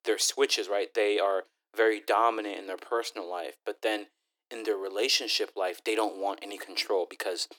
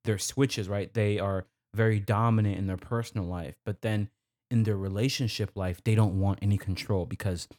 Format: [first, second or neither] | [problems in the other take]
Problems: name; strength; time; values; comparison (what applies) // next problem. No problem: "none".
second | thin; very; fading below 300 Hz